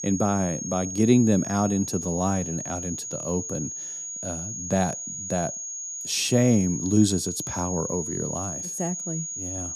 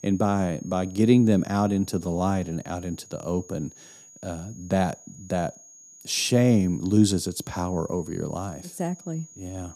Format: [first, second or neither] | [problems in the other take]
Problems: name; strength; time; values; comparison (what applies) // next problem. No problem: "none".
second | high-pitched whine; loud; throughout; 6.5 kHz, 5 dB below the speech; faint in the second